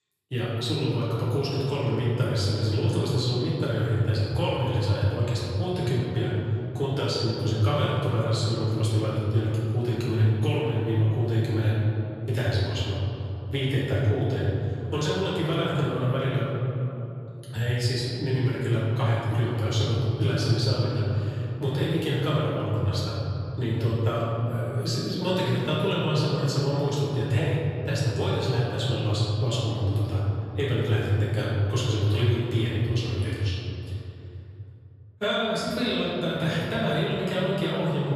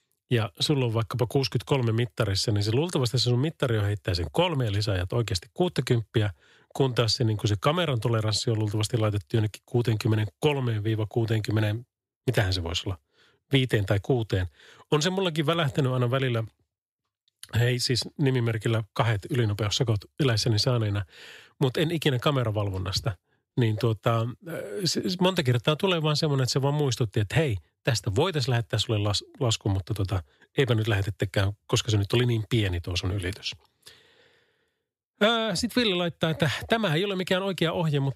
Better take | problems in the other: second | off-mic speech; far // room echo; strong; dies away in 3 s

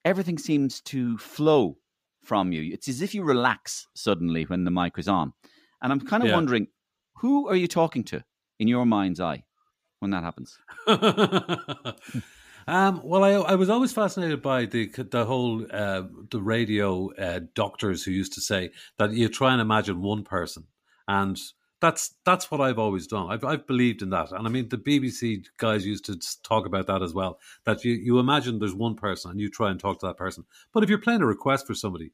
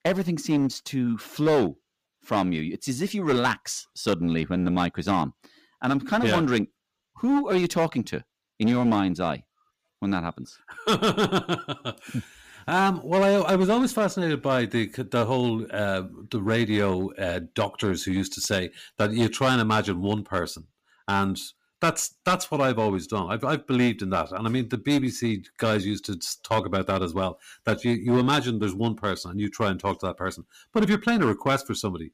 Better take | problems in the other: first | distortion; slight; 7% of the sound clipped

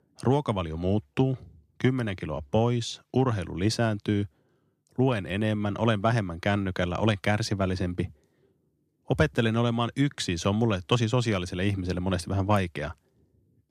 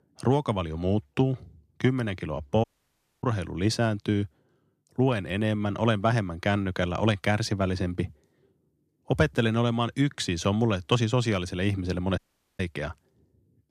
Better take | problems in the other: first | audio cutting out; at 2.5 s for 0.5 s and at 12 s

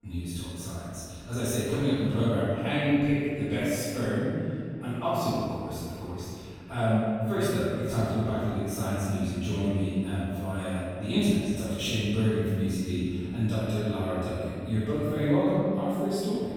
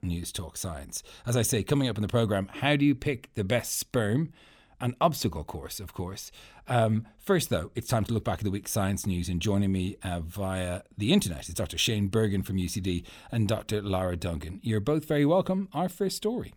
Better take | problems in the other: second | off-mic speech; far // room echo; strong; dies away in 2.2 s

